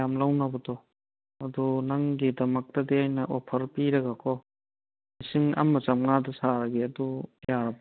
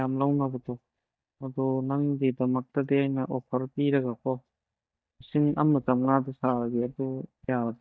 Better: first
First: none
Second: noise reduction (neural mask model DeepFilterNet 3)

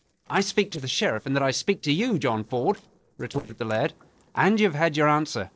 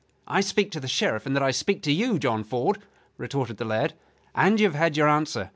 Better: second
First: noise reduction (neural separator model SepFormer DNS4)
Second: none

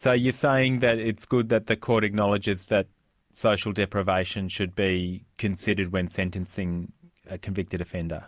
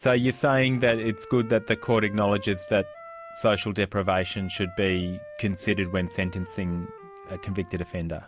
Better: first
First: none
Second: background sound (Wind instrument, woodwind instrument); 19 dB below the speech

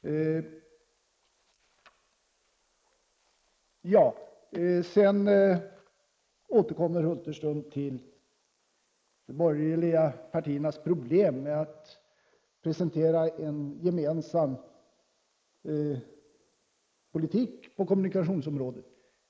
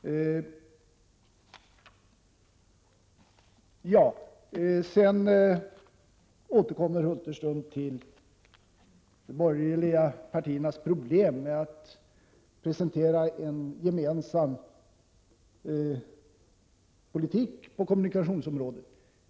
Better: second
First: noise reduction (neural mask model Resemble Enhance denoiser)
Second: none

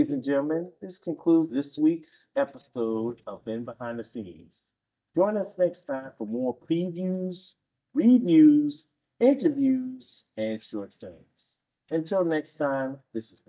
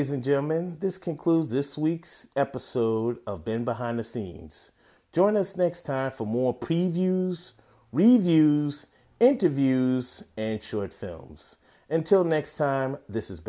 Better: second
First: noise reduction (neural mask model DeepFilterNet 3)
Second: none

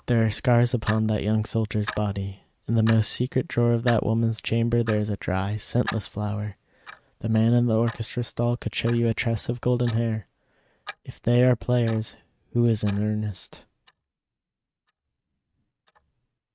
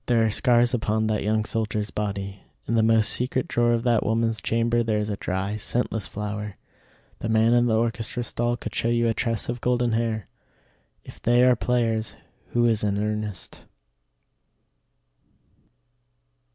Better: second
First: noise reduction (neural mask model RNNoise)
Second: none

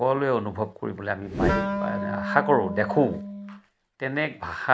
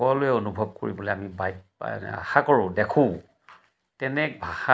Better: second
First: background sound (Wind instrument, woodwind instrument + Whoosh, swoosh, swish); 3 dB below the speech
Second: none

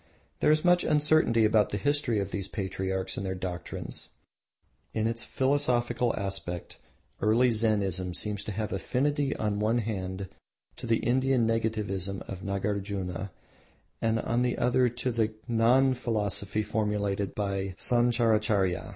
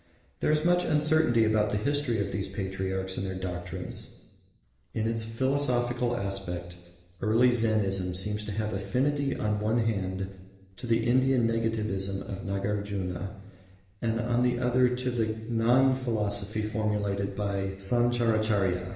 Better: first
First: none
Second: room echo; dies away in 1.3 s

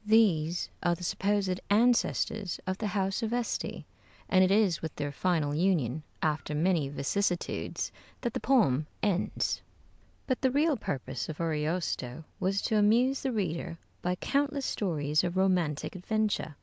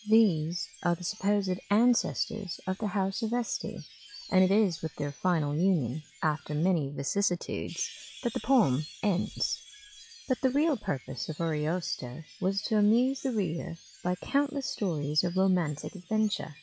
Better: first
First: none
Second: noise reduction (classical method log-MMSE)

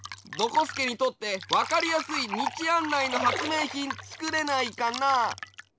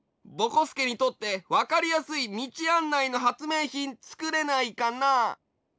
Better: second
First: background sound (Fill (with liquid) + Splash, splatter); 7 dB below the speech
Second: none

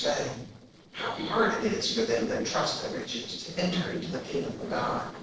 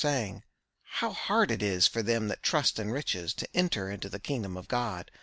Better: second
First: noise reduction (neural separator model SepFormer DNS4)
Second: none

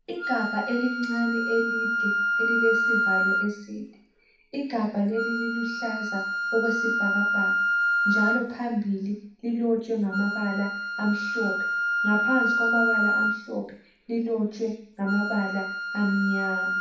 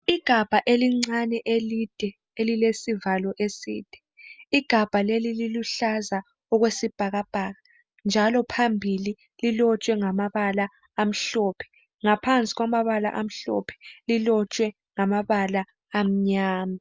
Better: second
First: background sound (Wind instrument, woodwind instrument); 1 dB above the speech // room echo; dies away in 0.6 s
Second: none

